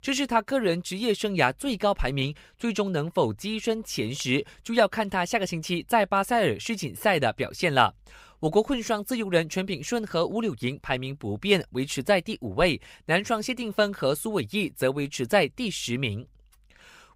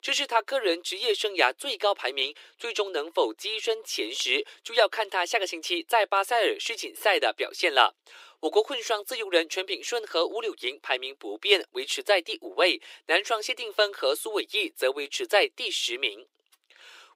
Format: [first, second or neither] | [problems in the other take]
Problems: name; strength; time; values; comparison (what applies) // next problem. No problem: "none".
first | thin; very; fading below 300 Hz